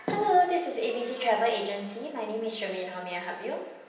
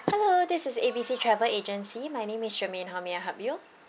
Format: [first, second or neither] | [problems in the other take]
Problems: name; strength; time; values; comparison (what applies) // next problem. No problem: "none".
second | room echo; dies away in 0.9 s